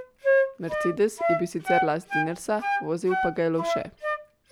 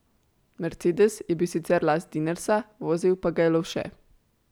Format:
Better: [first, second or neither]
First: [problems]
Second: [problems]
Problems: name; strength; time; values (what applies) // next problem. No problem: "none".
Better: second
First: background sound (Wind instrument, woodwind instrument); 1 dB above the speech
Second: none